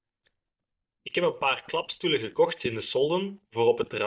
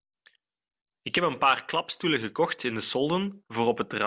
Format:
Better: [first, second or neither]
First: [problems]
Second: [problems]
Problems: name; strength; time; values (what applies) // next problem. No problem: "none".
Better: second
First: noise reduction (neural mask model DeepFilterNet 3)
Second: none